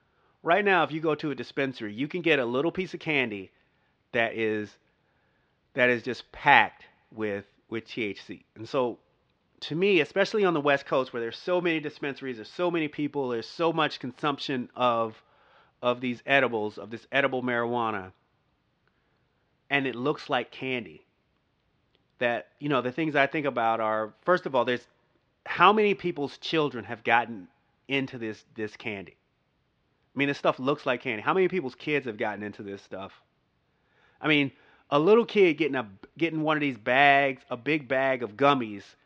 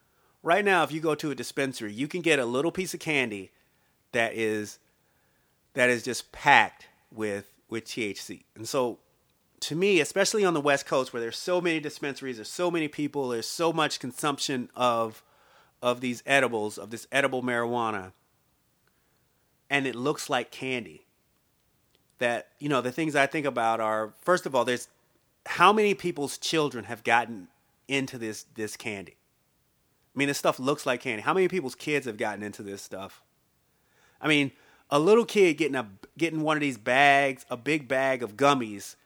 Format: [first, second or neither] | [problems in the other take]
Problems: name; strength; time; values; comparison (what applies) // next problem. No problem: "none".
second | muffled; slightly; fading above 4 kHz